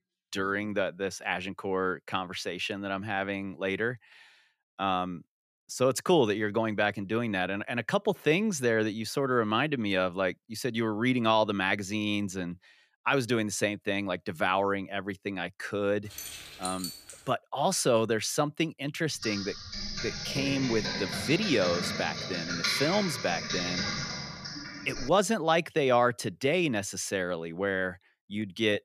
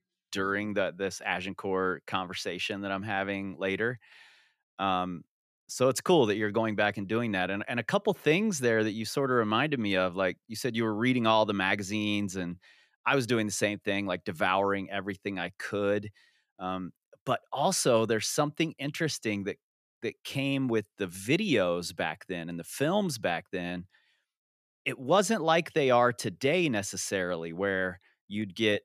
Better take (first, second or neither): second